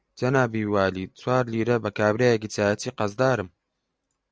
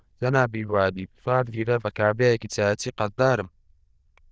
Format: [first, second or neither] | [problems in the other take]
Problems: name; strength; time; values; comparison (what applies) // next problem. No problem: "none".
first | noise reduction (neural diffusion model UNIVERSE++)